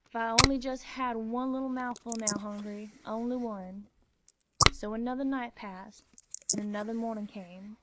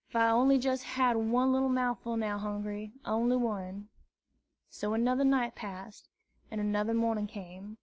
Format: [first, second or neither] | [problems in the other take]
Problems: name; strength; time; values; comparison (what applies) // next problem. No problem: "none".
second | noise reduction (neural mask model Resemble Enhance denoiser)